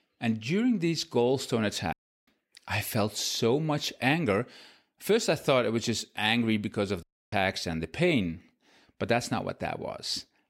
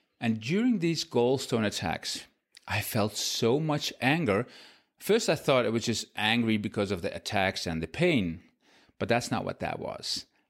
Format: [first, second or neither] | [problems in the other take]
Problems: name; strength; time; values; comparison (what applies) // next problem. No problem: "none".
second | audio cutting out; at 2 s and at 7 s